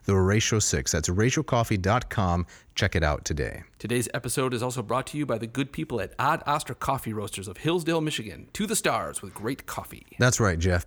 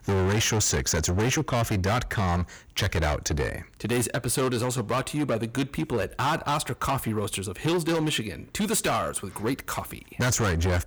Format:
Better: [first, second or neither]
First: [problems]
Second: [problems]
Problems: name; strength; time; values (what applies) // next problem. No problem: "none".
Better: first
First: none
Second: distortion; heavy; 19% of the sound clipped